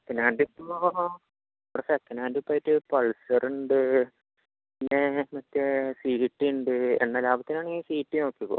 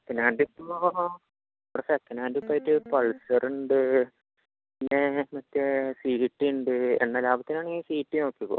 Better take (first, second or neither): first